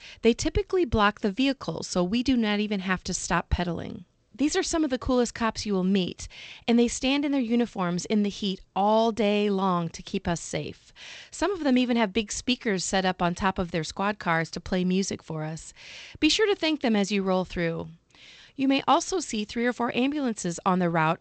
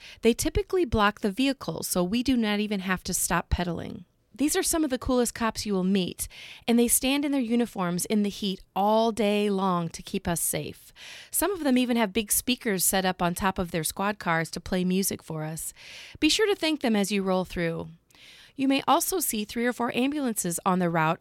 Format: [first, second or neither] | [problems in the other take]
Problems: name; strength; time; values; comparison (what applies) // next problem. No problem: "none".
second | garbled, watery; slightly; nothing above 8 kHz